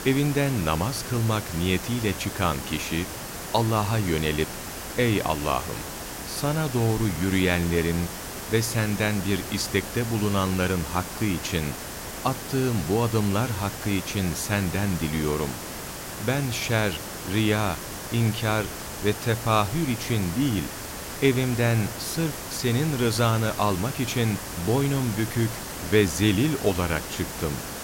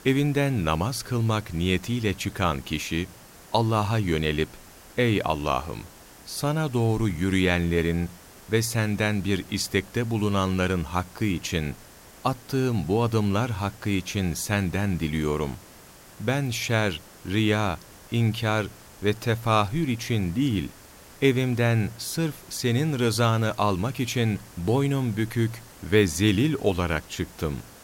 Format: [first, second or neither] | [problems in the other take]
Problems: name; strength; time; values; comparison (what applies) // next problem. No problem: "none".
second | hiss; loud; throughout; 8 dB below the speech; faint in the second